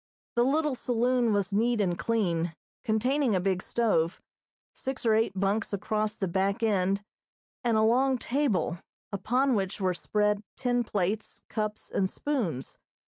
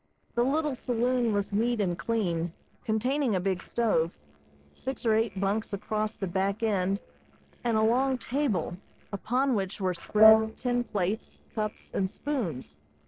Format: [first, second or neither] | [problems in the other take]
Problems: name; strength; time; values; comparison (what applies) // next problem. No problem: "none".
first | noise reduction (neural separator model SepFormer DNS4)